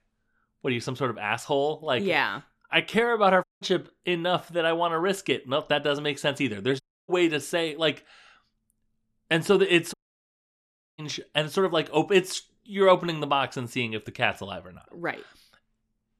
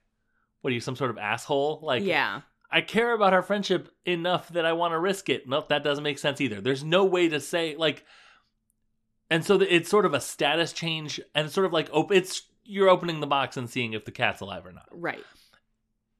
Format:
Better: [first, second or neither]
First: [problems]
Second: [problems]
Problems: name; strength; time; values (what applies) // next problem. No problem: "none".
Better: second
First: audio cutting out; at 3.5 s, at 7 s and at 10 s for 1 s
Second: none